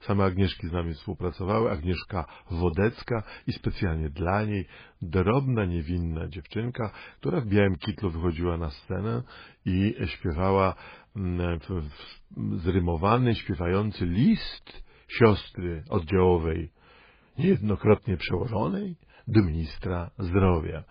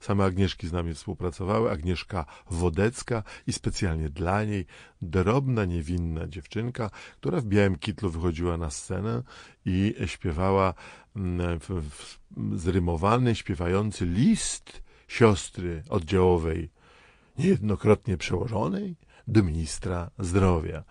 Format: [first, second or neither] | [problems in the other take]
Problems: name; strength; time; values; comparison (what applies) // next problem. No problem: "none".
second | garbled, watery; badly; nothing above 4 kHz; slightly in the second